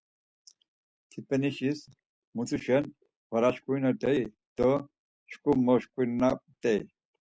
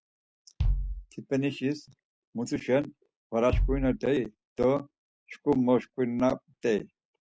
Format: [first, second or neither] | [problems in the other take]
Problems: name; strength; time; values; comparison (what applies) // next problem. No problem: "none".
first | background sound (Bass drum); 4 dB below the speech